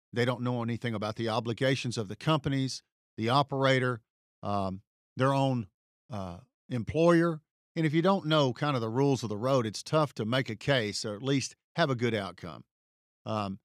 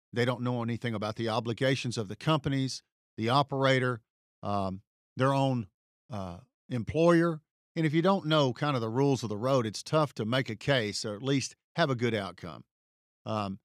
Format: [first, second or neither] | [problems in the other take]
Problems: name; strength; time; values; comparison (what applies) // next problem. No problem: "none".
neither | none